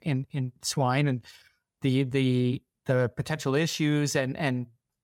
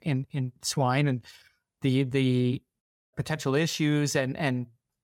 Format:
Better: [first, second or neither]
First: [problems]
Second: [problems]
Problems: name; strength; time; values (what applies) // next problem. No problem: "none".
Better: first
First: none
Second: audio cutting out; at 3 s